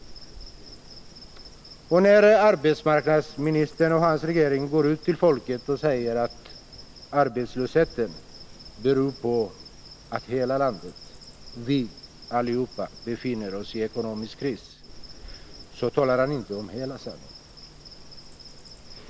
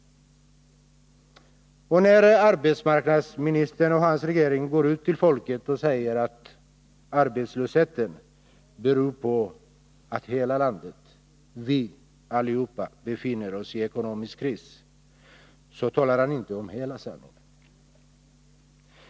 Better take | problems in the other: second | background sound (Insect); 19 dB below the speech

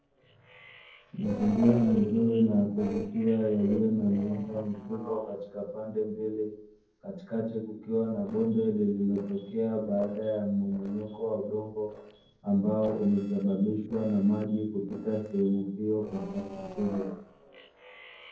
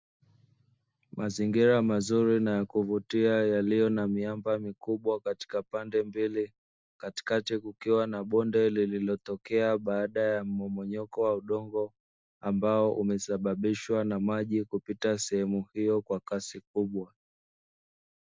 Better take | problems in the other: second | noise reduction (neural separator model SepFormer DNS4)

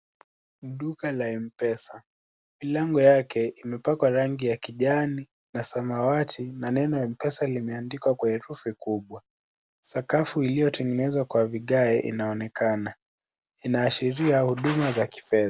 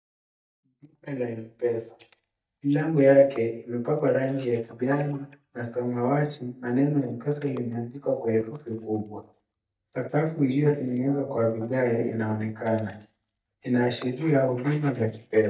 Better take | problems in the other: first | noise reduction (neural mask model DeepFilterNet 3)

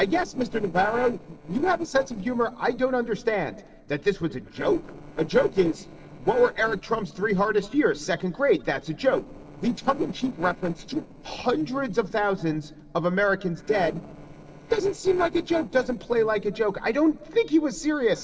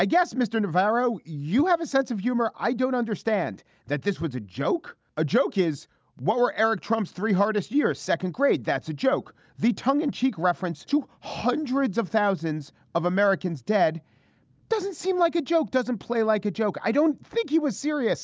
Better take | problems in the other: second | noise reduction (neural separator model SepFormer DNS4)

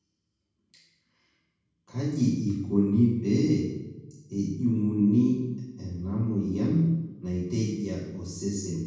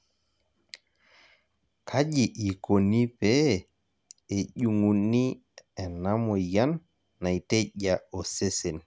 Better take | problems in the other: second | room echo; dies away in 1.1 s

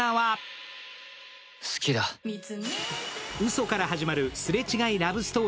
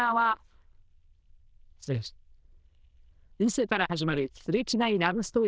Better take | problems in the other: first | noise reduction (neural diffusion model UNIVERSE++)

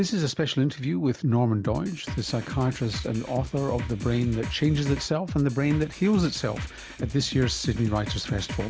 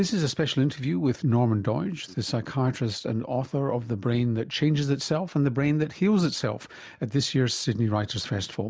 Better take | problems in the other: second | background sound (Drum kit); 9 dB below the speech

